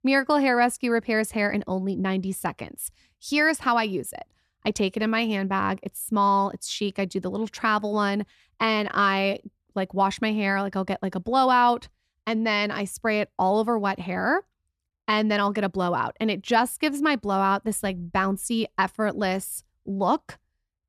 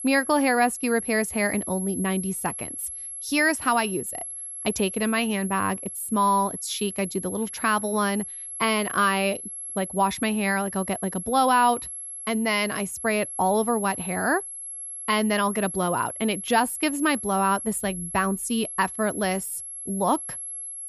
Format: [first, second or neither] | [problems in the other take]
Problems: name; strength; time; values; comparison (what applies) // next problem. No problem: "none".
first | high-pitched whine; loud; throughout; 11 kHz, 8 dB below the speech